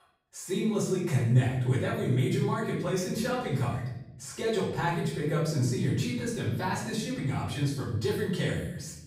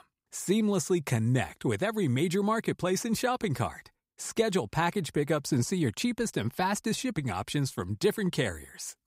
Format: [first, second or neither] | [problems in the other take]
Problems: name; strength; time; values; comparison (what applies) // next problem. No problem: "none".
second | off-mic speech; far // room echo; noticeable; dies away in 0.9 s